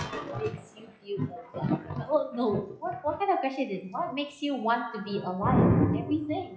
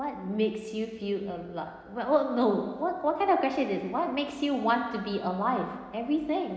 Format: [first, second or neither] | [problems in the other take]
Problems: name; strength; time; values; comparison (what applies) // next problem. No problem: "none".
second | noise reduction (classical method log-MMSE)